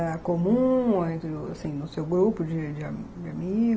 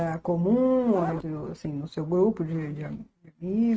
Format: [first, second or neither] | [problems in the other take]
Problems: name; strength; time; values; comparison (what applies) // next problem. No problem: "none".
first | noise reduction (neural mask model RNNoise)